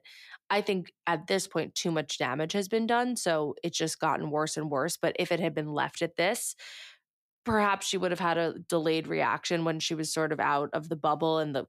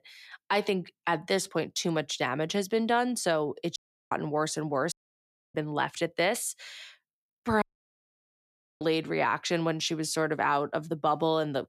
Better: first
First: none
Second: audio cutting out; at 4 s, at 5 s for 0.5 s and at 7.5 s for 1 s

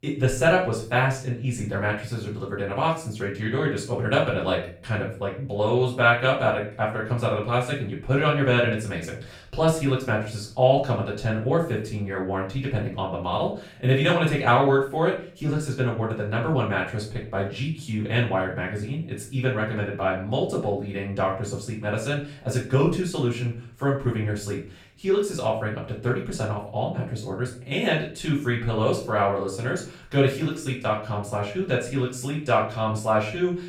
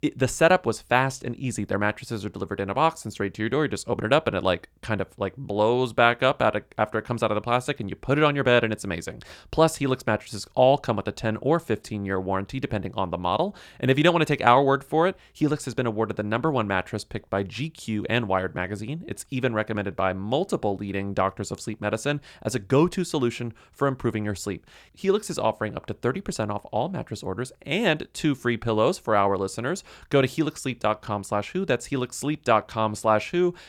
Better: second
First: room echo; slight; dies away in 0.4 s // off-mic speech; far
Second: none

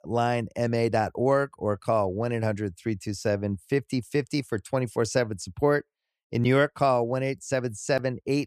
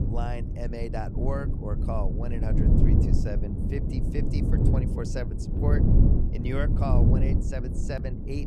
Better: first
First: none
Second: low rumble; loud; throughout; as loud as the speech

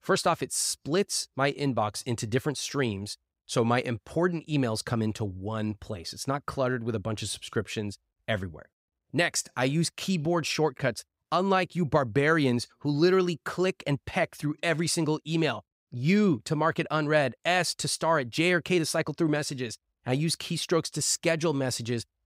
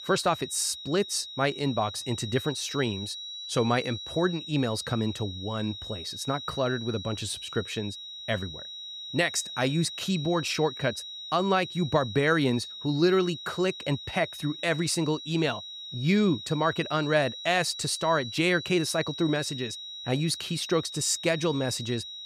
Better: first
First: none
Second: high-pitched whine; loud; throughout; 4 kHz, 9 dB below the speech

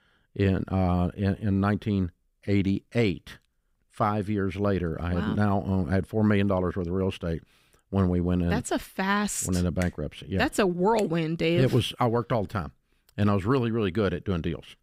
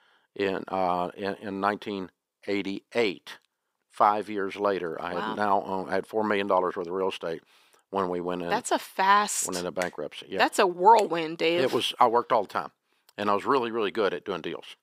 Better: first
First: none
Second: thin; very; fading below 450 Hz

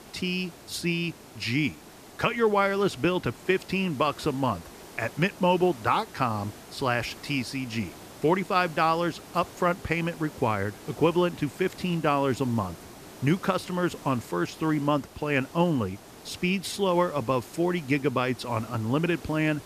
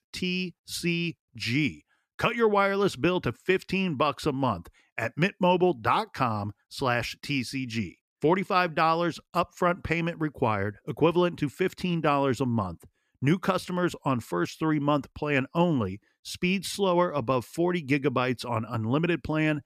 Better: second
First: hiss; noticeable; throughout; 20 dB below the speech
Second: none

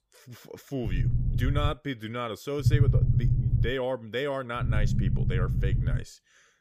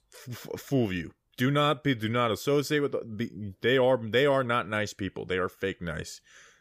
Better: second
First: low rumble; loud; at 1 s, from 2.5 to 3.5 s and from 4.5 to 6 s; 6 dB below the speech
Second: none

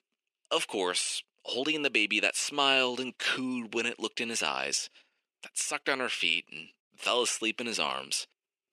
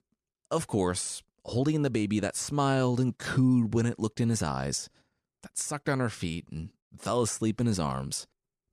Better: second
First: thin; somewhat; fading below 350 Hz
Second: none

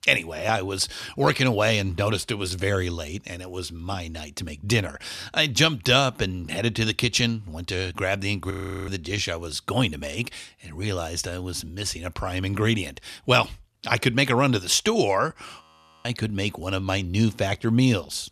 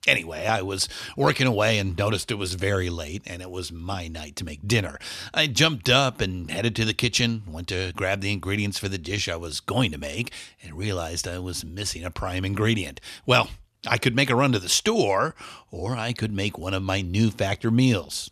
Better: second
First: audio freezing; at 8.5 s and at 16 s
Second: none

